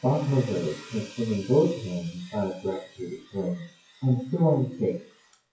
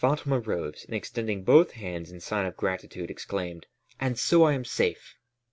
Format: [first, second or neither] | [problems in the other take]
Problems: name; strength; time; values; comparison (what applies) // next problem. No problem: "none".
second | noise reduction (classical method WPE with log-MMSE)